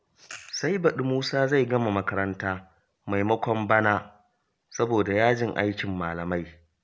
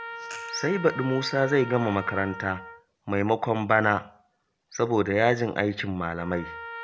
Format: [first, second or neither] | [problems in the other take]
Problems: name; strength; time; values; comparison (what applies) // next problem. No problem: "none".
first | background sound (Trumpet); 14 dB below the speech